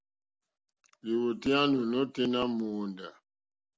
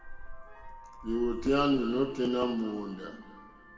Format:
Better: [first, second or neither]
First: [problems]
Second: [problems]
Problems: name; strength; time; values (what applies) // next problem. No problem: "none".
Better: first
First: none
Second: background sound (Vehicle horn, car horn, honking); 13 dB below the speech // room echo; dies away in 1.8 s